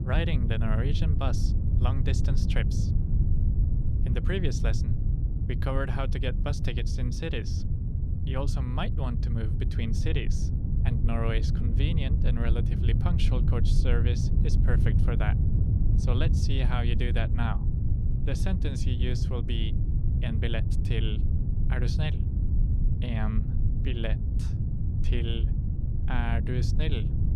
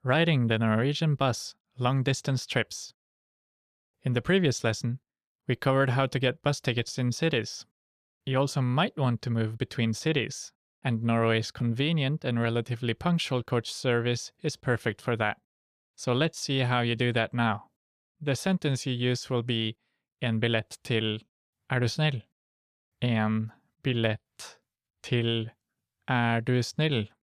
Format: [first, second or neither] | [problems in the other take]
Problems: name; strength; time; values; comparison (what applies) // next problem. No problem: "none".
second | low rumble; loud; throughout; 5 dB below the speech